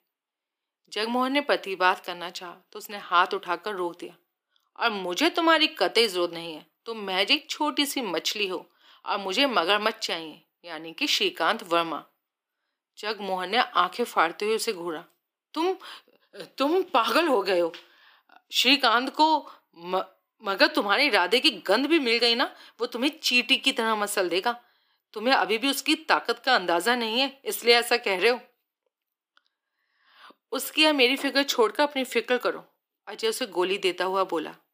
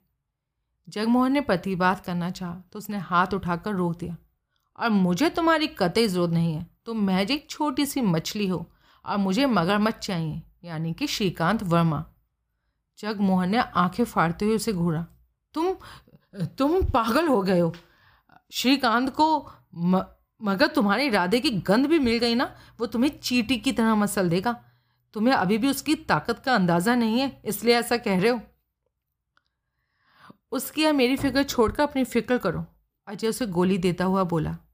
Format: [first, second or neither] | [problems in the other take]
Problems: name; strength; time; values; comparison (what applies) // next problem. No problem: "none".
second | thin; somewhat; fading below 300 Hz